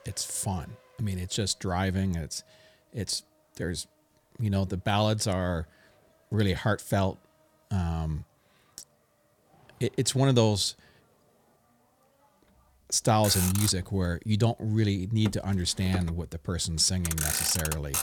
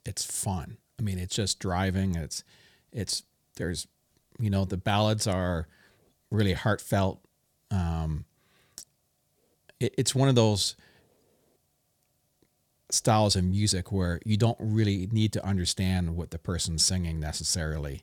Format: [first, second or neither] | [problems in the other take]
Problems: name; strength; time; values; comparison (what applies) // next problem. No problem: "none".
second | traffic noise; loud; throughout; 4 dB below the speech